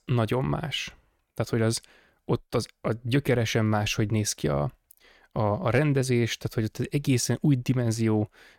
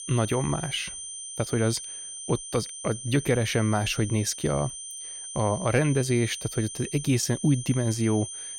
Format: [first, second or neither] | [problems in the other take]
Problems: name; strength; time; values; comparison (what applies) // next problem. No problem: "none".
first | high-pitched whine; loud; throughout; 9 kHz, 9 dB below the speech